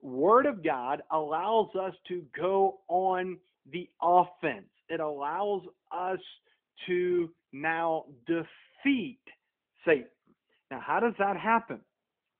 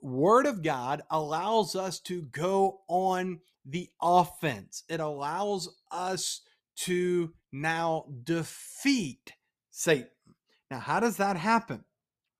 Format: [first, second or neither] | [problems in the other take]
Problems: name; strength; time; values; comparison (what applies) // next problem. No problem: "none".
second | phone-call audio; nothing above 3.5 kHz